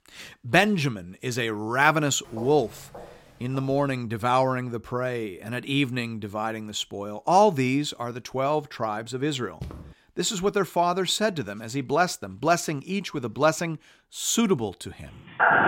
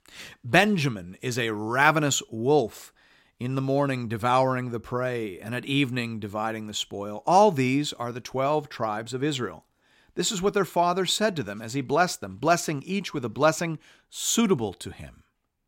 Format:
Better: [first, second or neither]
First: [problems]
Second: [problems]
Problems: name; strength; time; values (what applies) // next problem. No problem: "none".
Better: second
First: footsteps; faint; from 2 to 4 s and at 9.5 s; peak 15 dB below the speech // phone ringing; loud; at 15 s; peak 5 dB above the speech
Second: none